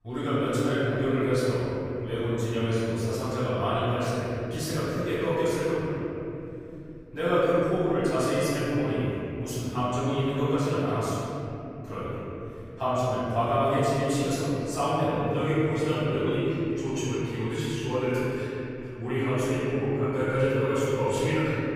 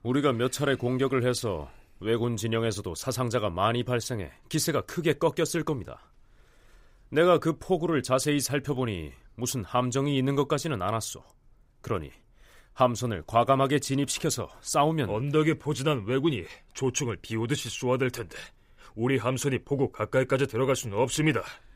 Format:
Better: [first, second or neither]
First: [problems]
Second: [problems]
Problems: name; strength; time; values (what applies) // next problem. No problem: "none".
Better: second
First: off-mic speech; far // room echo; strong; dies away in 3 s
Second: none